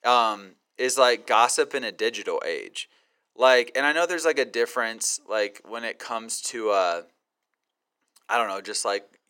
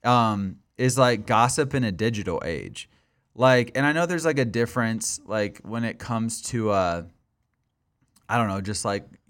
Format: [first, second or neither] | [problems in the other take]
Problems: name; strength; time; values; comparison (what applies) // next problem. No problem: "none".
second | thin; very; fading below 400 Hz